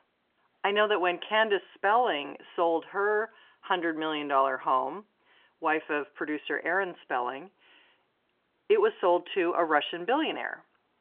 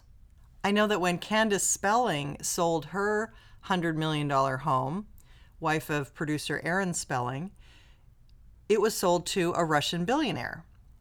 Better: second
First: phone-call audio; nothing above 3 kHz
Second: none

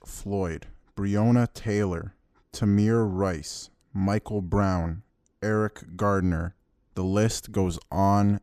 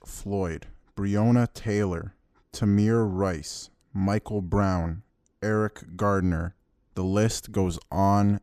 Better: neither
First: none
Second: none

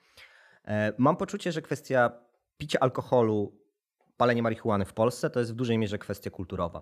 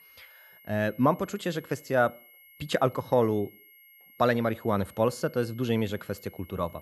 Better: first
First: none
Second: high-pitched whine; faint; throughout; 2 kHz, 25 dB below the speech

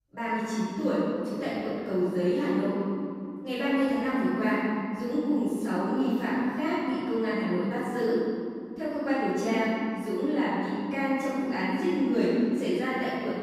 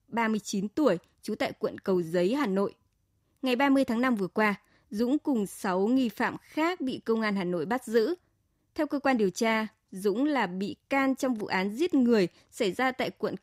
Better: second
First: off-mic speech; far // room echo; strong; dies away in 2.5 s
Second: none

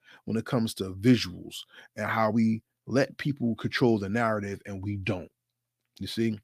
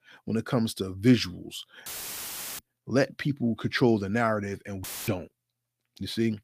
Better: first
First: none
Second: audio cutting out; filled with static; at 2 s for 0.5 s and at 5 s

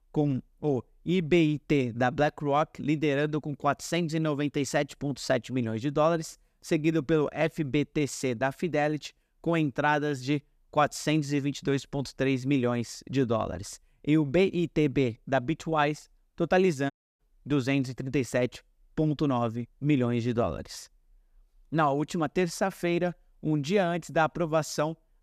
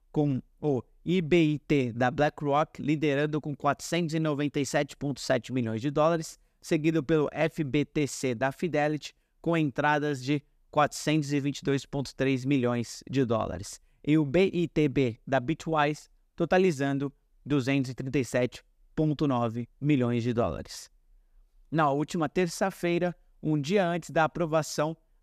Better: second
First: audio cutting out; at 17 s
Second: none

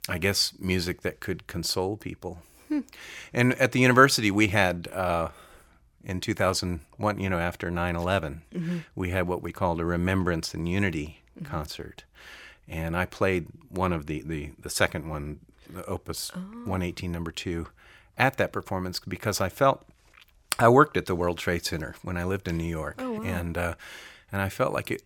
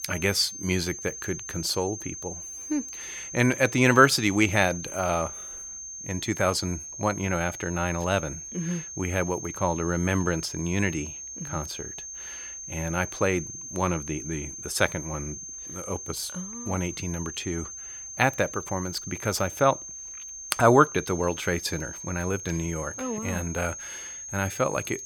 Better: first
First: none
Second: high-pitched whine; loud; throughout; 6.5 kHz, 9 dB below the speech

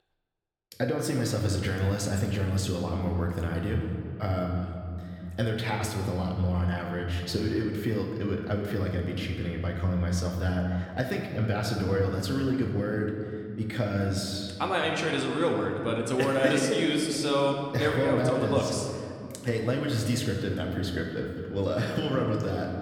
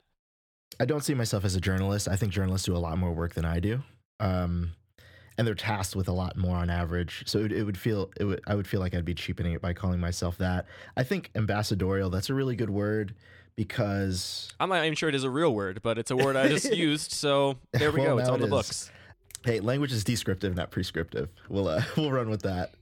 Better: second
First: room echo; noticeable; dies away in 2 s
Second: none

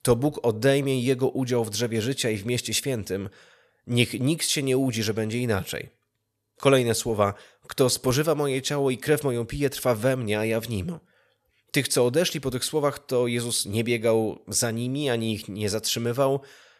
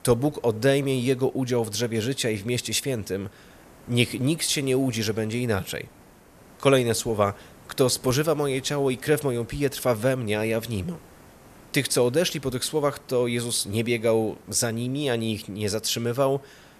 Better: first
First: none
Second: hiss; faint; throughout; 25 dB below the speech

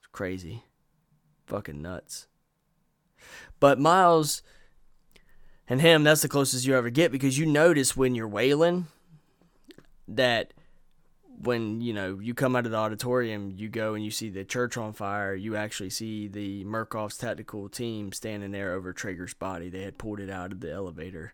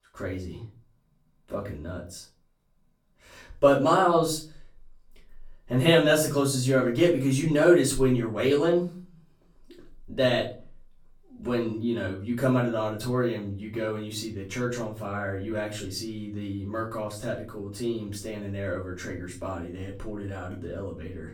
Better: first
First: none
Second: off-mic speech; far // room echo; slight; dies away in 0.4 s

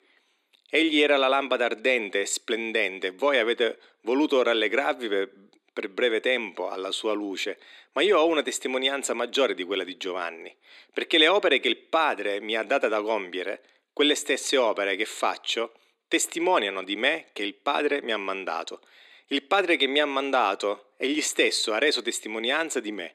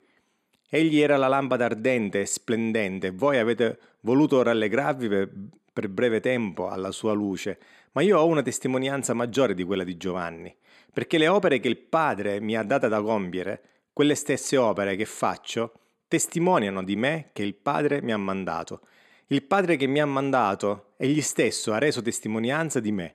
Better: second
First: thin; somewhat; fading below 300 Hz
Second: none

